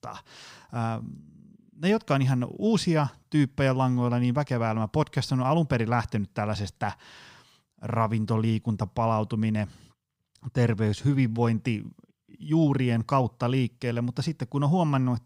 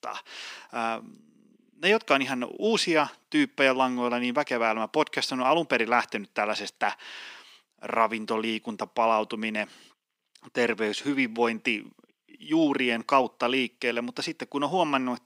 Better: first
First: none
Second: thin; somewhat; fading below 300 Hz

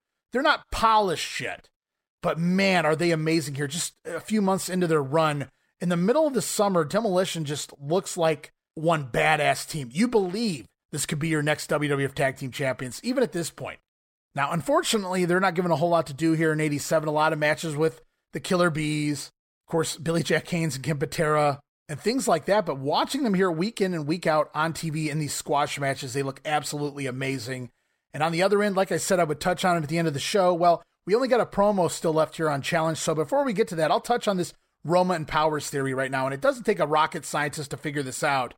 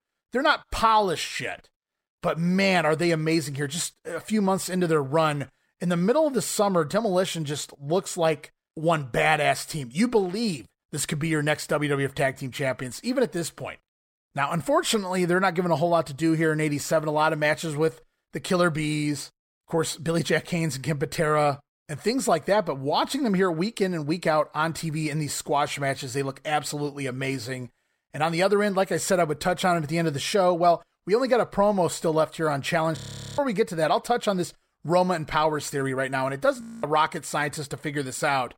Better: first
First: none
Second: audio freezing; at 33 s and at 37 s

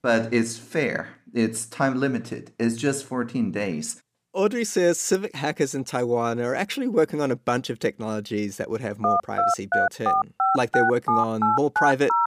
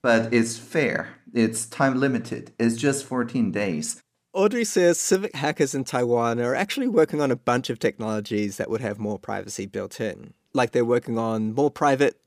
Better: second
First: phone ringing; loud; from 9 s on; peak 3 dB above the speech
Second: none

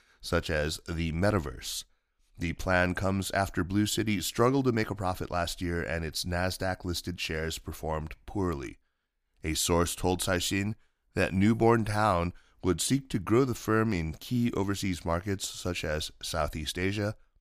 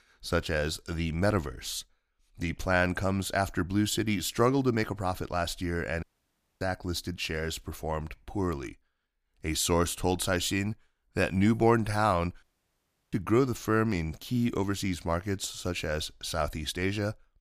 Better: first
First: none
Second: audio cutting out; at 6 s for 0.5 s and at 12 s for 0.5 s

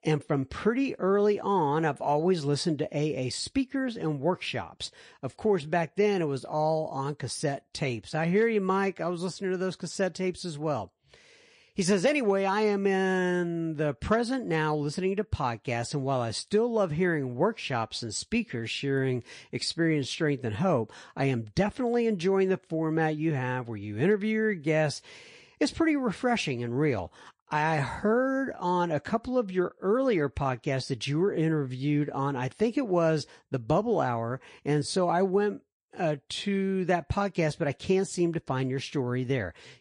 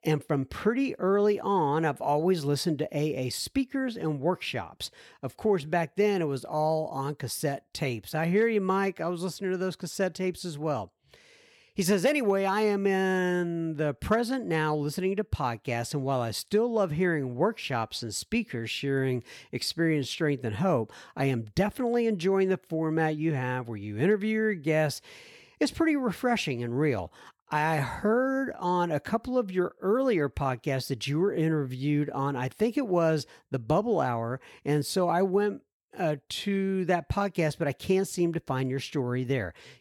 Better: second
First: garbled, watery; slightly; nothing above 9 kHz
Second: none

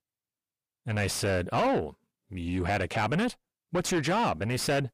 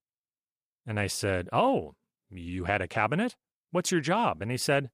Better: second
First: distortion; heavy; 6 dB below the speech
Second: none

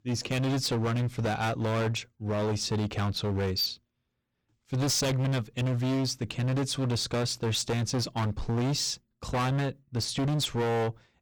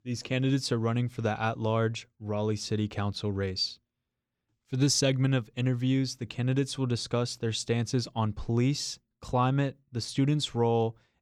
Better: second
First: distortion; heavy; 26% of the sound clipped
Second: none

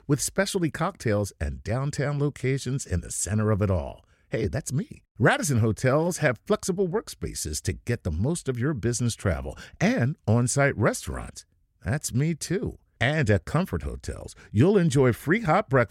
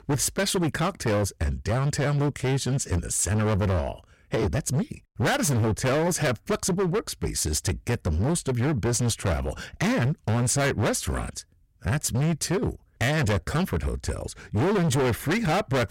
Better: first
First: none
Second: distortion; heavy; 24% of the sound clipped

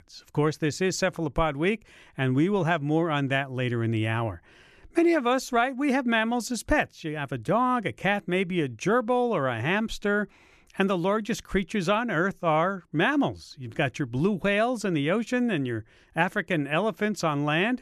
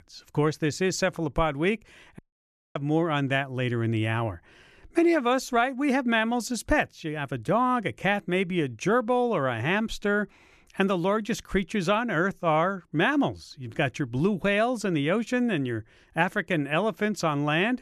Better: first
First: none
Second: audio cutting out; at 2 s for 0.5 s

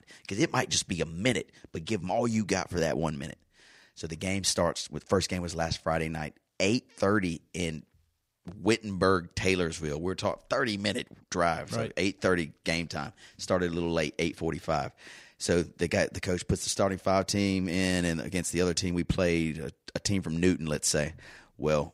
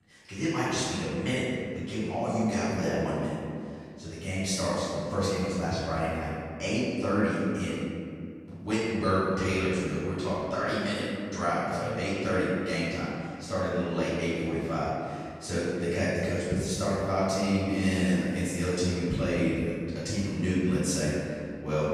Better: first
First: none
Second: off-mic speech; far // room echo; strong; dies away in 2.2 s

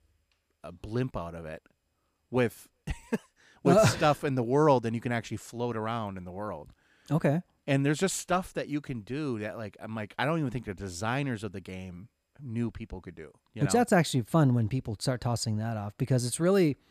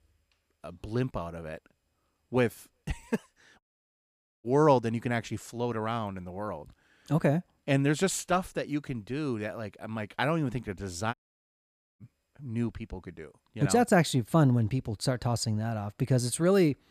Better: first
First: none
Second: audio cutting out; at 3.5 s for 1 s and at 11 s for 1 s

